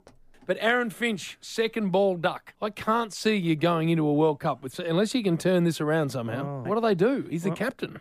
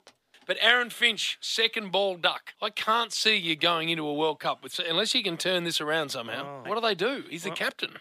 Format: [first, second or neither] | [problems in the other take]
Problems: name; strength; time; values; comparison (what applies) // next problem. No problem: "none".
first | thin; somewhat; fading below 900 Hz